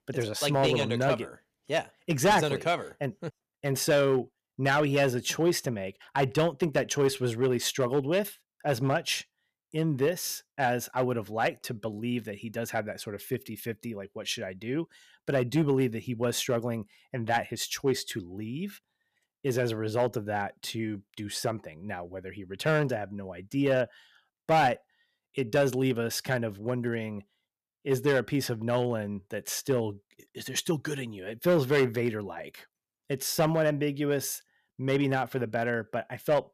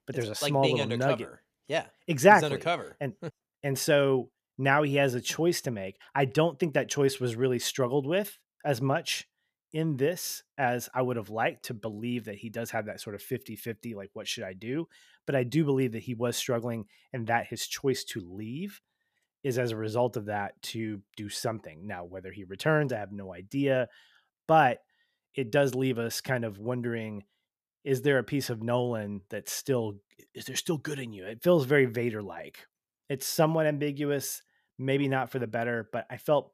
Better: second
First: distortion; slight; 2% of the sound clipped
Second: none

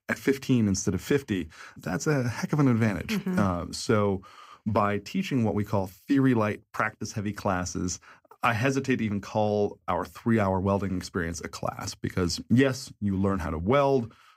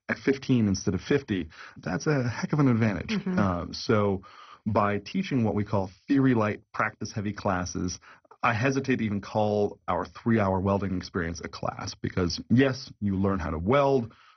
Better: first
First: none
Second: garbled, watery; badly; nothing above 6 kHz

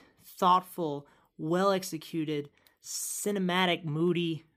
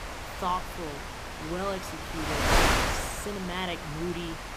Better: first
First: none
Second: wind noise on the microphone; heavy; 5 dB above the speech

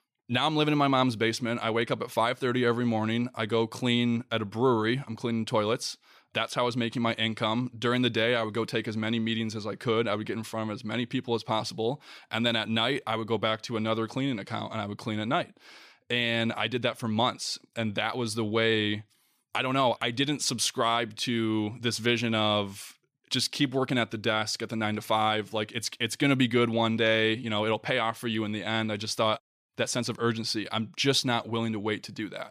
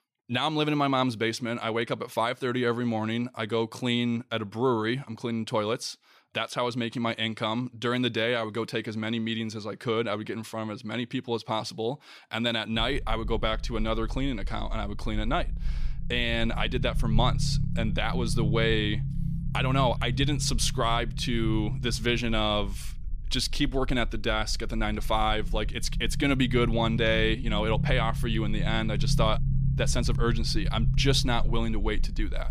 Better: first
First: none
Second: low rumble; noticeable; from 13 s on; 15 dB below the speech

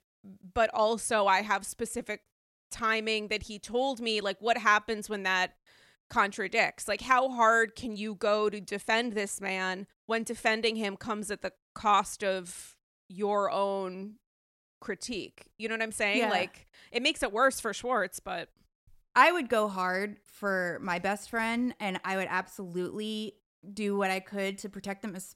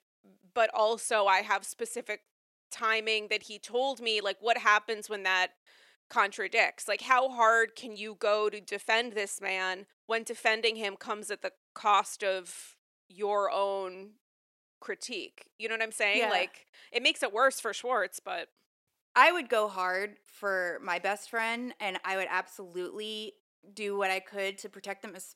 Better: first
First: none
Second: thin; somewhat; fading below 400 Hz

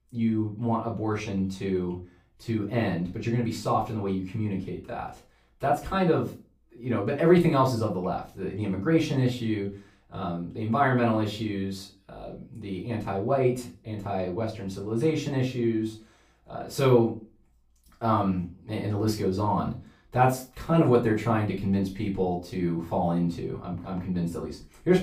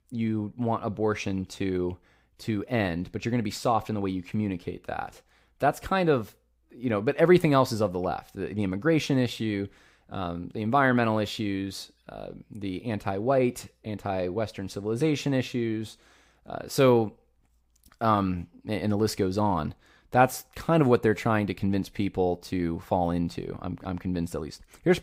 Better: second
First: room echo; slight; dies away in 0.3 s // off-mic speech; far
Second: none

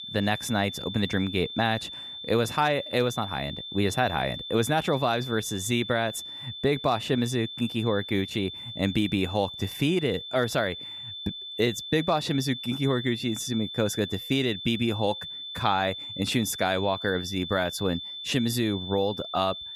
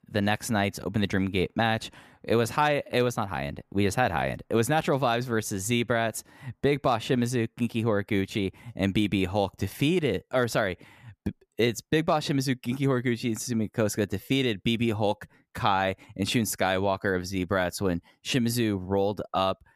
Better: second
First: high-pitched whine; loud; throughout; 3.5 kHz, 8 dB below the speech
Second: none

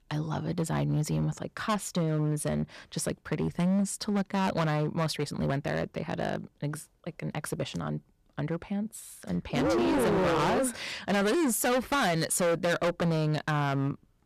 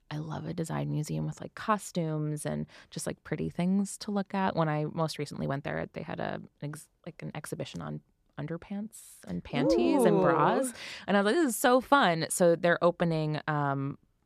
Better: second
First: distortion; heavy; 15% of the sound clipped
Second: none

